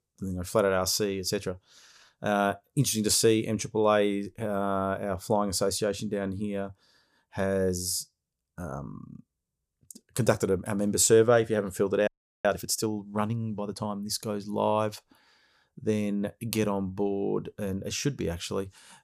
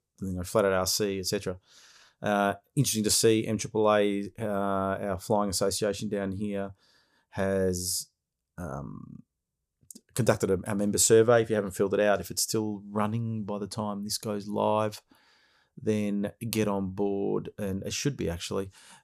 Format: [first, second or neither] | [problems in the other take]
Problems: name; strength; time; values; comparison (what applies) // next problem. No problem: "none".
second | audio freezing; at 12 s